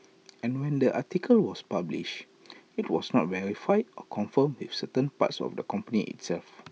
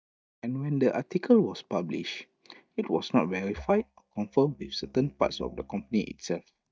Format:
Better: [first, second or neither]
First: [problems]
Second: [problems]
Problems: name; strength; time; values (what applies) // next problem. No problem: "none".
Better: first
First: none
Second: noise reduction (neural mask model DeepFilterNet 3)